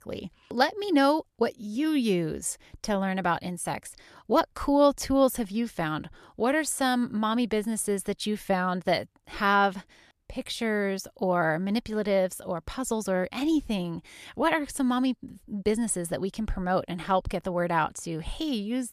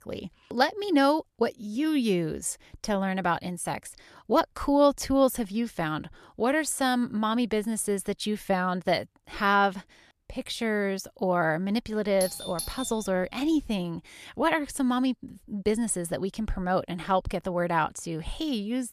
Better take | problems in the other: first | doorbell; noticeable; at 12 s; peak 8 dB below the speech

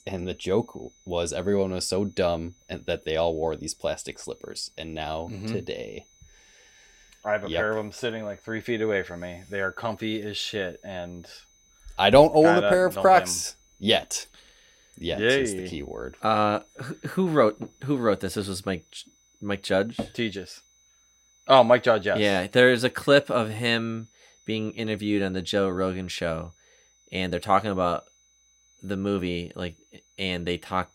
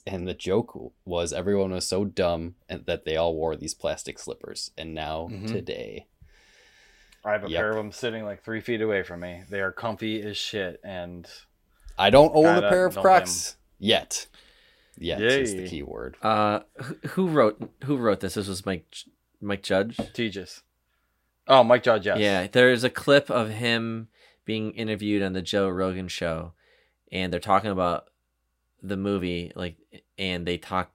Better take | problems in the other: second | high-pitched whine; faint; throughout; 6 kHz, 35 dB below the speech

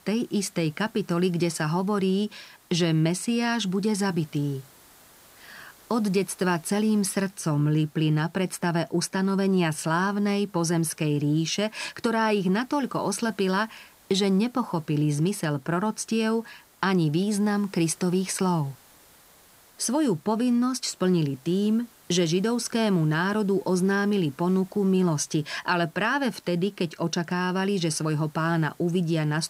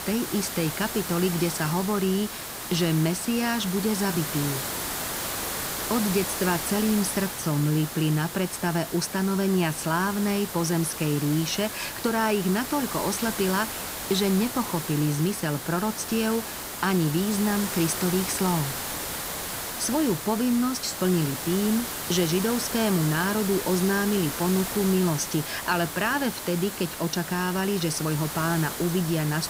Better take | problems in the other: first | hiss; loud; throughout; 5 dB below the speech; faint in the first

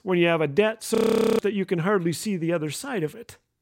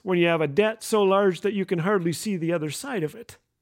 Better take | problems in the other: second | audio freezing; at 1 s

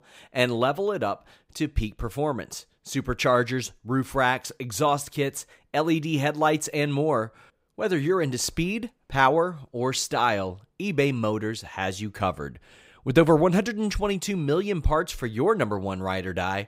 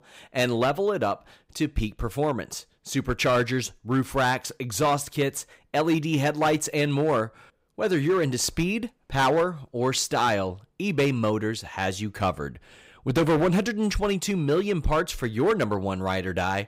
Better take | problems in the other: first | distortion; slight; 5% of the sound clipped

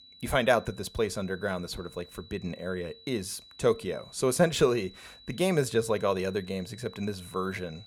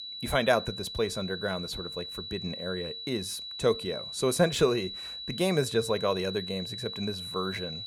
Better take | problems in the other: first | high-pitched whine; loud; throughout; 4 kHz, 7 dB below the speech; faint in the first

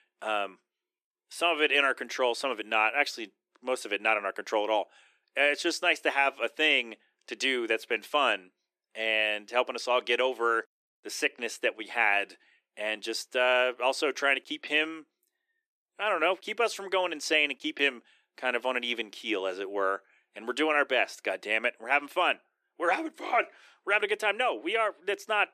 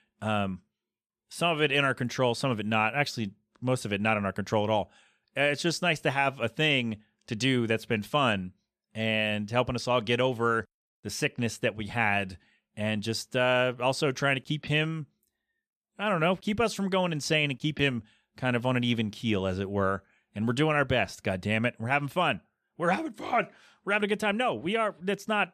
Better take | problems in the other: second | thin; very; fading below 300 Hz

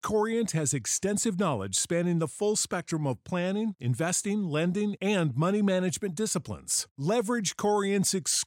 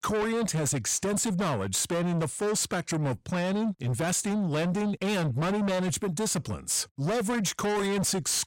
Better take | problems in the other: first | distortion; heavy; 7 dB below the speech

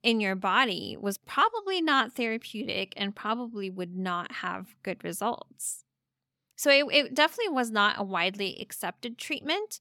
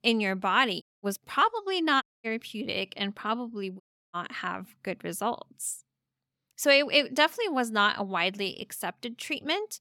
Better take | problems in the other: first | audio cutting out; at 1 s, at 2 s and at 4 s

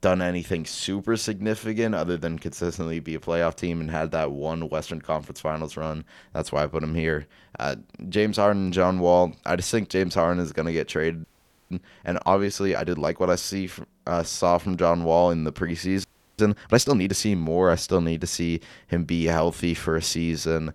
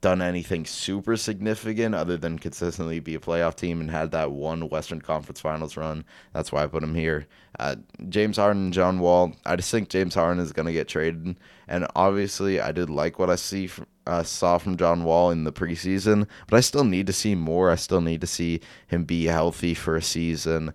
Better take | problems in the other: second | audio freezing; at 11 s and at 16 s

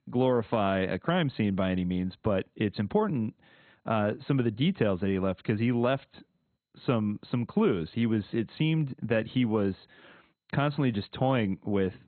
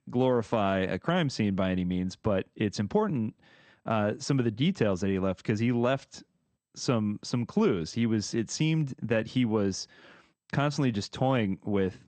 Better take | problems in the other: second | garbled, watery; badly; nothing above 4 kHz; slightly in the second

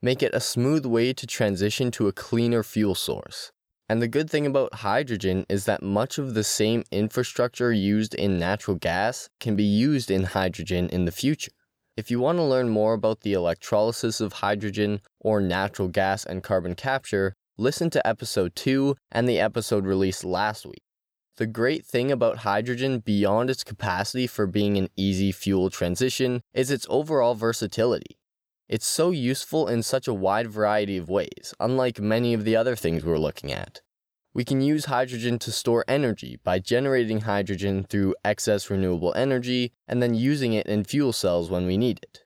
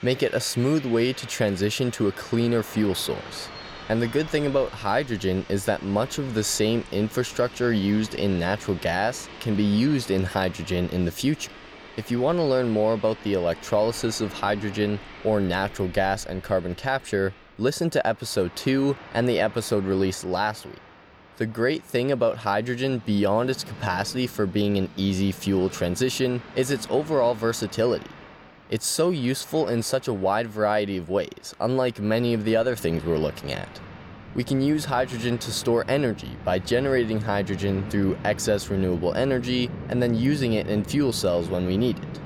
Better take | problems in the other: first | train or aircraft noise; noticeable; throughout; 15 dB below the speech

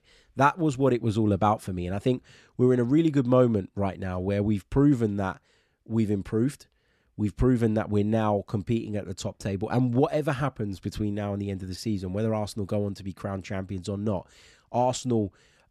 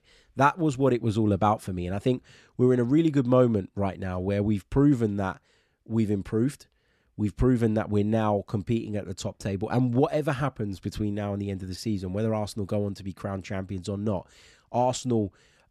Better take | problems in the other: neither | none

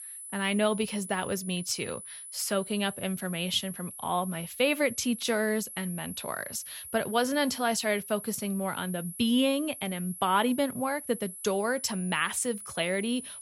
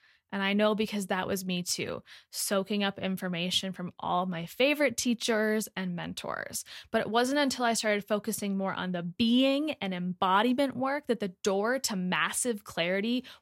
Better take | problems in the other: second | high-pitched whine; noticeable; throughout; 10 kHz, 10 dB below the speech

